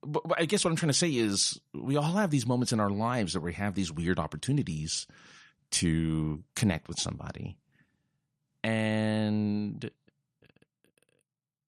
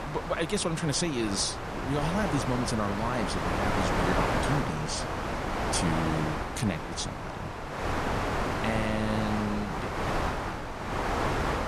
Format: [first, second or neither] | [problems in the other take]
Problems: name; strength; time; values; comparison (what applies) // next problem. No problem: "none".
first | wind noise on the microphone; heavy; 3 dB above the speech